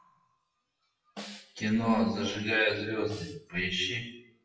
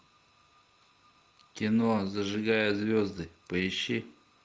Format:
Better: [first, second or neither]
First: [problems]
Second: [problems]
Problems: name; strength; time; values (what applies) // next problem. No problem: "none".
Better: second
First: noise reduction (classical method WPE with log-MMSE)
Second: none